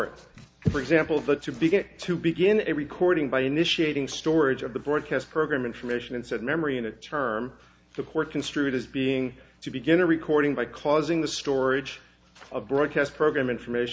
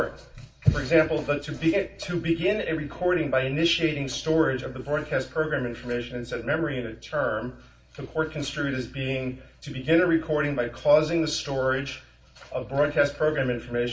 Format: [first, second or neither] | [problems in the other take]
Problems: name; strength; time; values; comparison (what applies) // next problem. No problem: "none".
first | room echo; dies away in 0.2 s